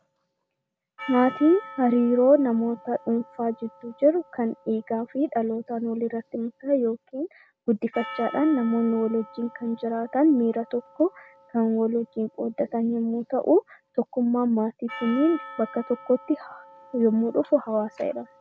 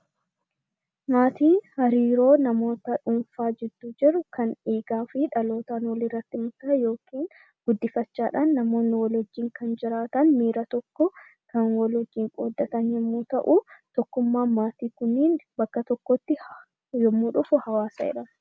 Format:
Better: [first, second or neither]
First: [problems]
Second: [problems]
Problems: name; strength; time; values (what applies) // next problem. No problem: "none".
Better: second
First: background sound (Percussion); 20 dB below the speech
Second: none